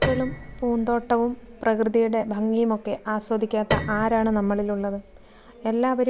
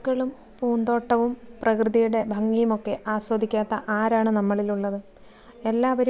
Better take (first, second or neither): second